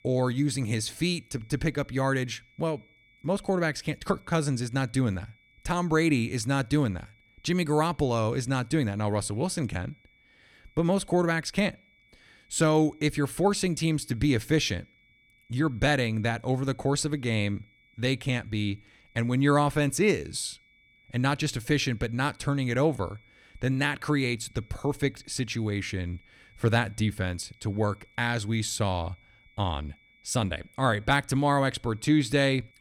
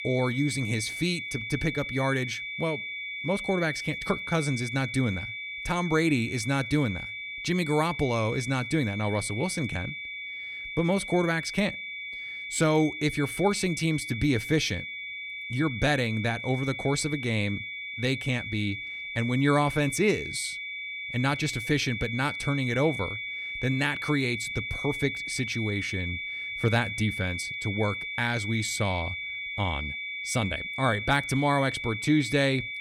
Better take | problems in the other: first | high-pitched whine; loud; throughout; 2.5 kHz, 5 dB below the speech; faint in the first

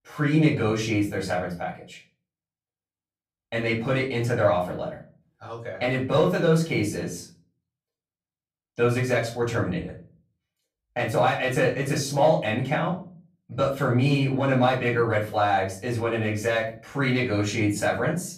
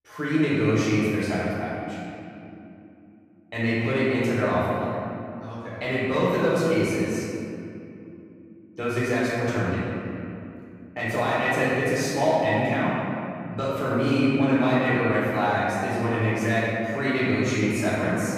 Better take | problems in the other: first | room echo; strong; dies away in 2.5 s; slight in the first // off-mic speech; far; far in the first

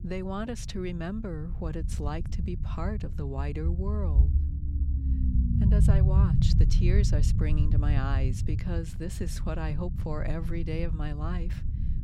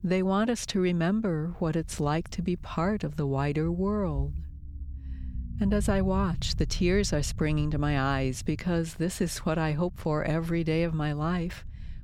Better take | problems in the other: second | low rumble; loud; throughout; 4 dB below the speech; faint in the second

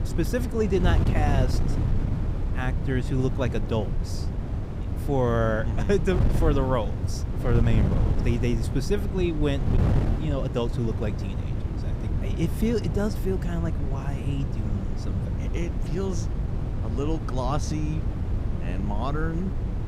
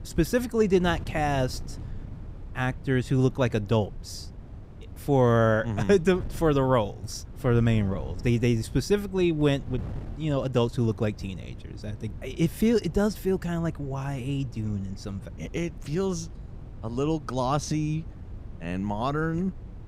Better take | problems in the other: second | wind noise on the microphone; heavy; 7 dB below the speech; occasional gusts in the second

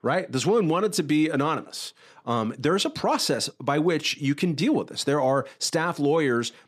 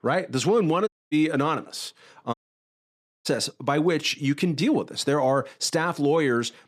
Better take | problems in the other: first | audio cutting out; at 1 s and at 2.5 s for 1 s

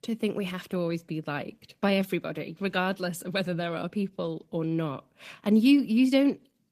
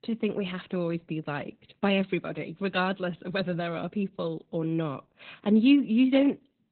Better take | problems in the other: first | garbled, watery; badly; nothing above 4 kHz; slightly in the first

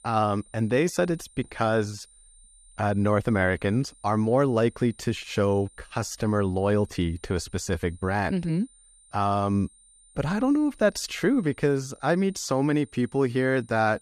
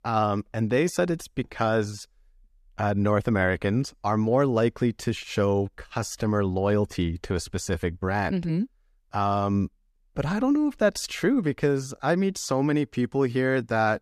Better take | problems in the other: second | high-pitched whine; faint; throughout; 9 kHz, 30 dB below the speech

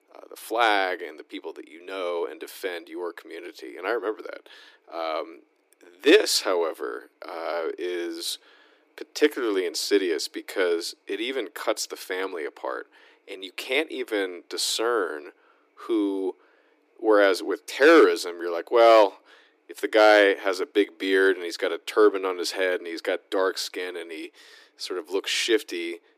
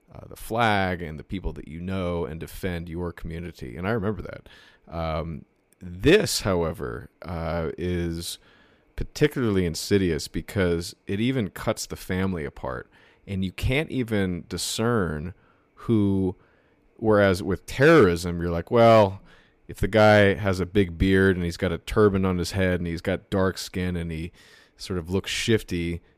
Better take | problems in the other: second | thin; very; fading below 300 Hz

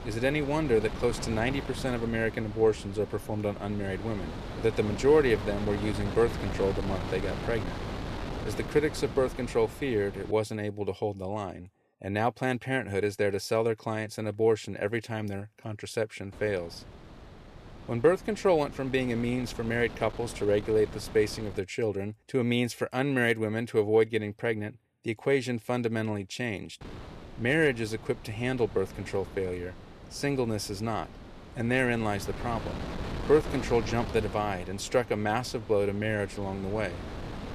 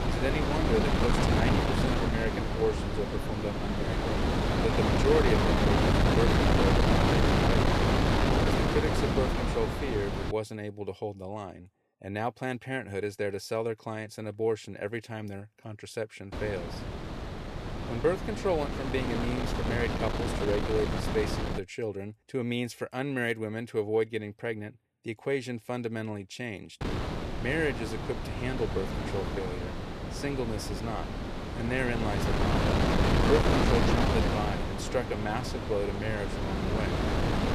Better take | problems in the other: first | wind noise on the microphone; heavy; until 10 s, from 16 to 22 s and from 27 s on; 2 dB above the speech; occasional gusts in the first

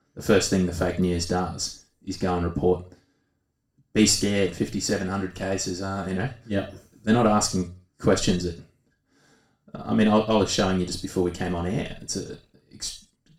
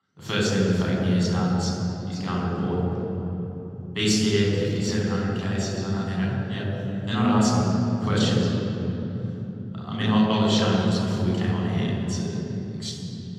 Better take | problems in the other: first | room echo; strong; dies away in 3 s; slight in the first // off-mic speech; far; far in the first

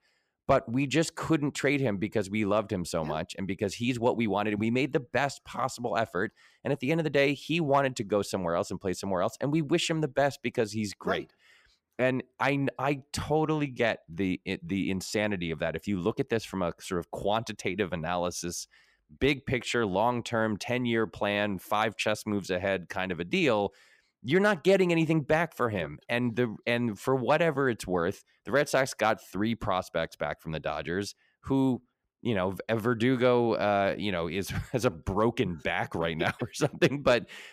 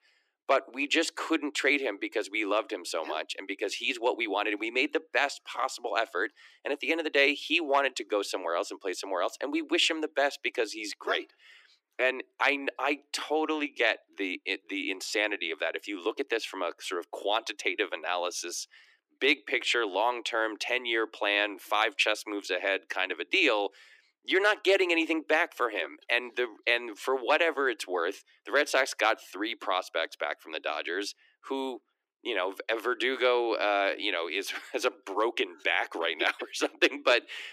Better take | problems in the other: first | thin; somewhat; fading below 300 Hz

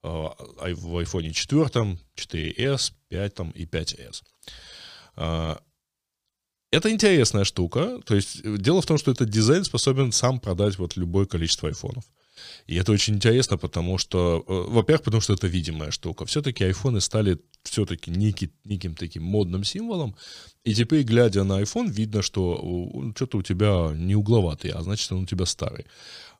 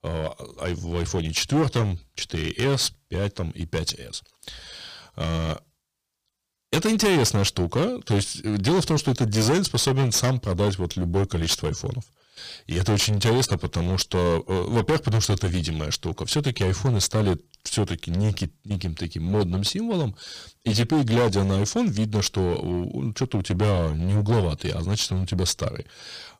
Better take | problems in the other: first | distortion; heavy; 11% of the sound clipped

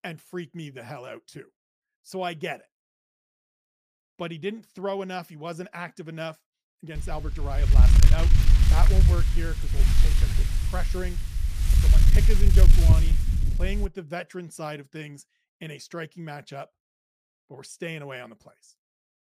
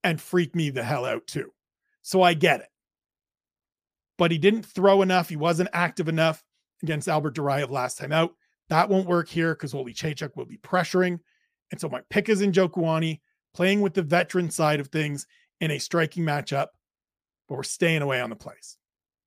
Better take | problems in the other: second | wind noise on the microphone; heavy; from 7 to 14 s; 1 dB below the speech

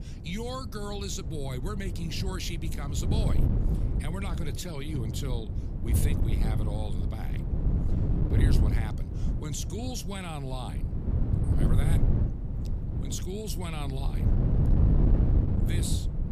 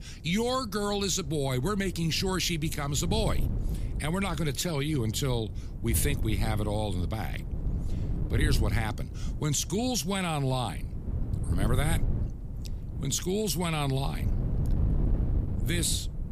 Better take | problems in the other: second | wind noise on the microphone; heavy; 2 dB below the speech; occasional gusts in the second

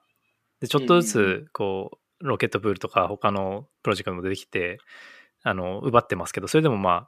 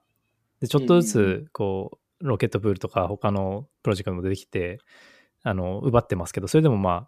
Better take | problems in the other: second | thin; very slightly; fading below 450 Hz

